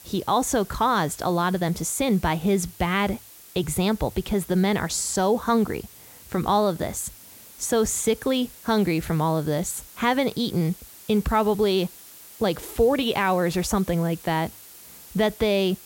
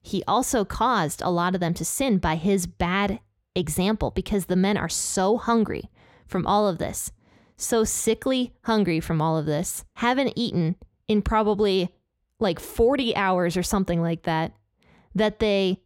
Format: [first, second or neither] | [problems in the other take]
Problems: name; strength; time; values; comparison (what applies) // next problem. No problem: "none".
second | hiss; noticeable; throughout; 20 dB below the speech